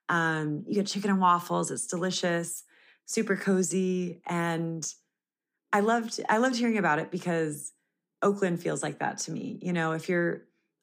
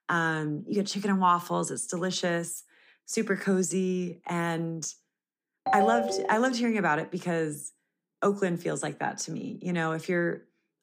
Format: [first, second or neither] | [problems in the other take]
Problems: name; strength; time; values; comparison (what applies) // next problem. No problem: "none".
first | phone ringing; loud; at 5.5 s; peak 2 dB above the speech